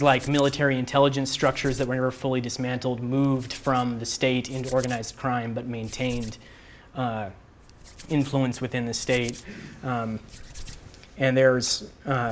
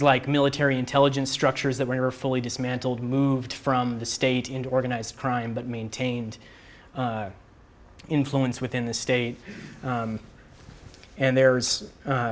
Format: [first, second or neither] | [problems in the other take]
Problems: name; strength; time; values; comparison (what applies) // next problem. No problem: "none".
second | background sound (Hands); 20 dB below the speech